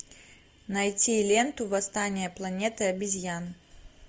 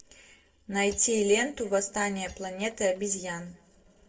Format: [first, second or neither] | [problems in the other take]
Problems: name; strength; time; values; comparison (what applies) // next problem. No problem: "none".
first | noise reduction (neural separator model SepFormer DNS4)